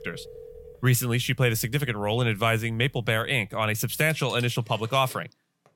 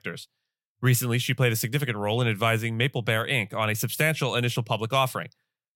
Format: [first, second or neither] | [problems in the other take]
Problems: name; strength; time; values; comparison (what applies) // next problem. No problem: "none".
second | alarms or sirens; faint; throughout; 25 dB below the speech